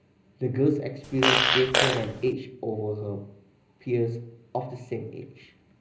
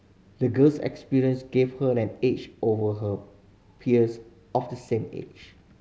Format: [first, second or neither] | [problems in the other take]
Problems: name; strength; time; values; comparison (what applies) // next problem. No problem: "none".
second | background sound (Fart); 4 dB above the speech // room echo; dies away in 0.5 s